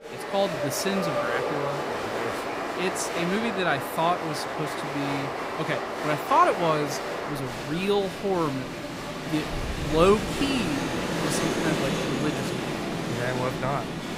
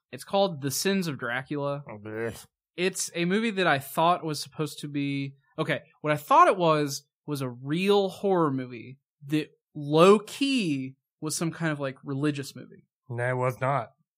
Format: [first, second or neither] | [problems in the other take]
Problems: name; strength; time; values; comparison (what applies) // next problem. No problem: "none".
second | crowd noise; loud; throughout; 2 dB below the speech